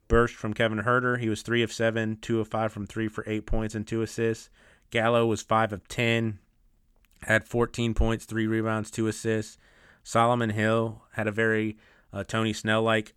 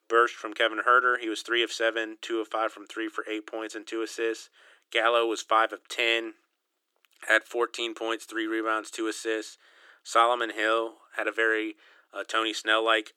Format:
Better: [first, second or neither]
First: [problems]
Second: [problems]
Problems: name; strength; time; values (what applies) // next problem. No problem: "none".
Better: first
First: none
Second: thin; very; fading below 300 Hz